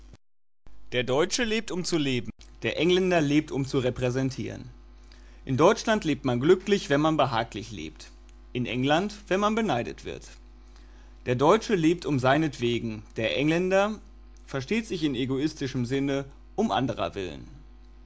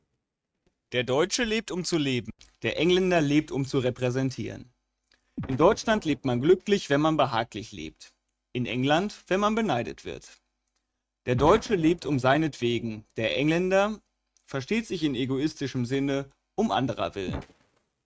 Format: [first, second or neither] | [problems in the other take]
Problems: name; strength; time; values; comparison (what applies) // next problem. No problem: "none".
first | noise reduction (neural mask model RNNoise)